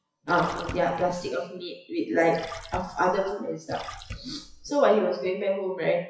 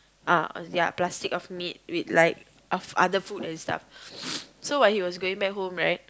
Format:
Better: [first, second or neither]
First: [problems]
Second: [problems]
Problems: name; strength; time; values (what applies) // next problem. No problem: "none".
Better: second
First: noise reduction (classical method WPE with log-MMSE)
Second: none